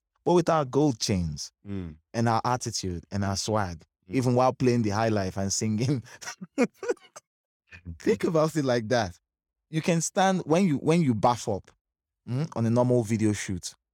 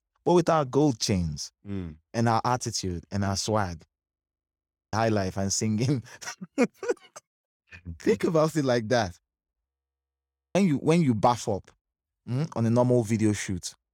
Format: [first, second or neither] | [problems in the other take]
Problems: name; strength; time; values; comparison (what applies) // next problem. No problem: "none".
first | audio freezing; at 4 s for 1 s and at 9.5 s for 1 s